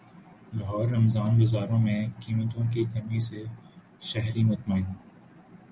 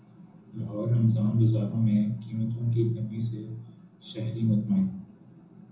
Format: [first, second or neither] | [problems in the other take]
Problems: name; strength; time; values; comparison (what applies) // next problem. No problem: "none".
first | room echo; dies away in 0.6 s